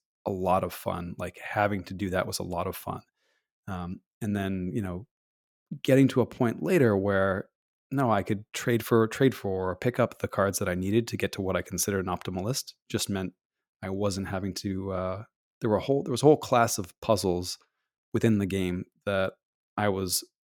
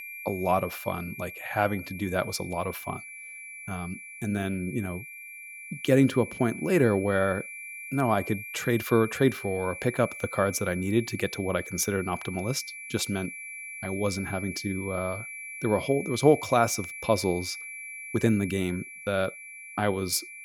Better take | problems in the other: first | high-pitched whine; noticeable; throughout; 2.5 kHz, 10 dB below the speech

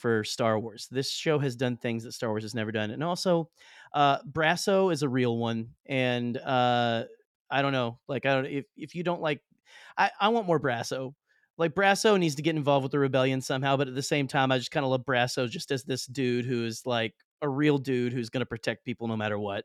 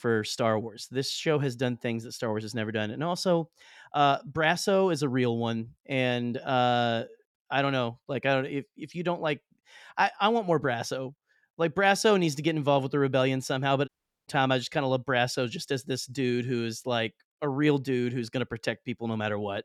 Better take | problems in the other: first | audio cutting out; at 14 s

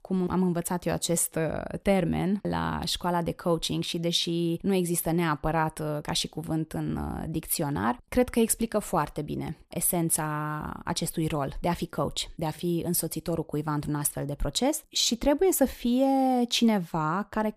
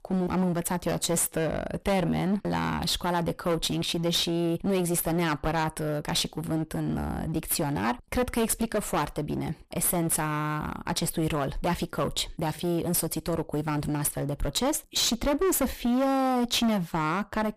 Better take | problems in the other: first | distortion; heavy; 16% of the sound clipped

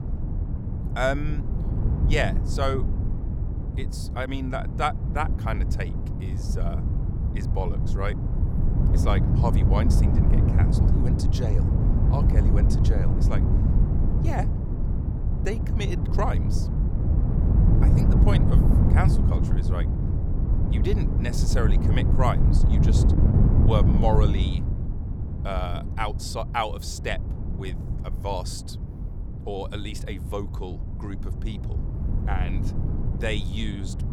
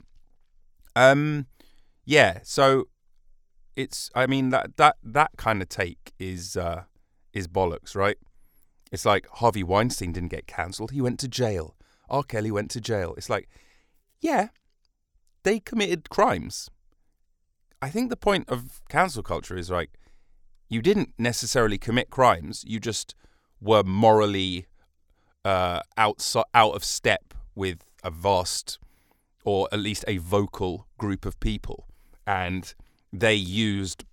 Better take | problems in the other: second | wind noise on the microphone; heavy; 5 dB below the speech

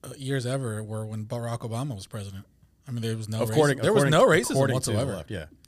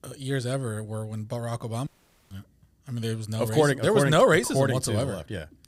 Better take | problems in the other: first | audio cutting out; at 2 s

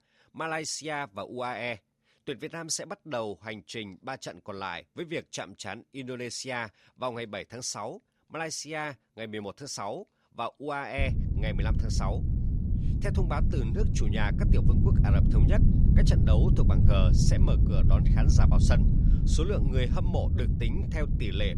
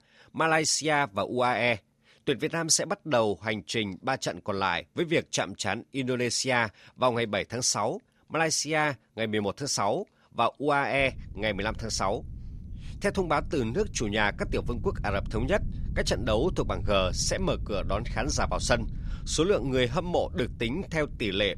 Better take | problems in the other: second | wind noise on the microphone; heavy; from 11 s on; 3 dB below the speech; occasional gusts in the second

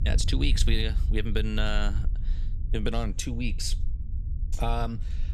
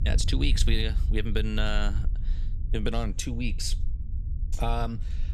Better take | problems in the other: neither | low rumble; noticeable; throughout; 20 dB below the speech; the same in both

